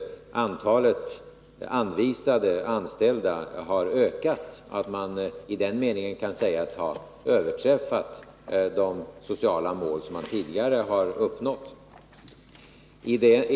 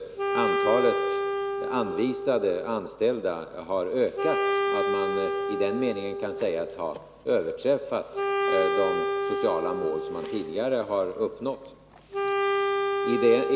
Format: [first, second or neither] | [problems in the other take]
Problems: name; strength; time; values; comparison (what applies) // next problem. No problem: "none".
first | background sound (Wind instrument, woodwind instrument); 1 dB below the speech